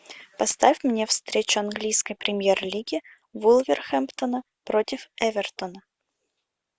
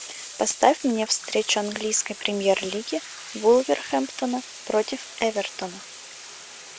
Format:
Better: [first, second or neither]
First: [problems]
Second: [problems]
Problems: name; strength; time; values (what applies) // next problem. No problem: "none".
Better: first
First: none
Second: background sound (Bathtub (filling or washing)); 15 dB below the speech